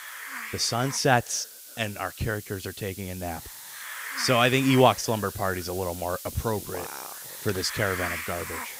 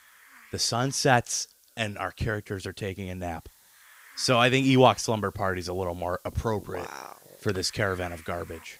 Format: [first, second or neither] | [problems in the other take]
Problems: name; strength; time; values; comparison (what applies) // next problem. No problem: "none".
second | hiss; loud; throughout; 10 dB below the speech; faint in the second